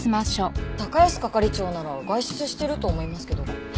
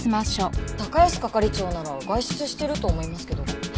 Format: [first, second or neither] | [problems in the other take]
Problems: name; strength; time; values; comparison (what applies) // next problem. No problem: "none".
first | background sound (Drum kit); 11 dB below the speech